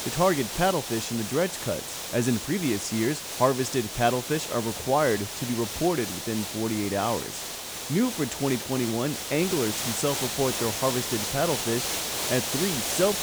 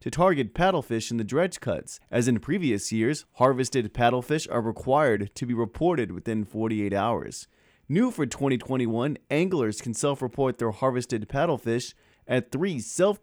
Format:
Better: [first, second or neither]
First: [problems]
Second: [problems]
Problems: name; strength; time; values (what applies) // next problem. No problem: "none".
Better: second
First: hiss; loud; throughout; 3 dB below the speech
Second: none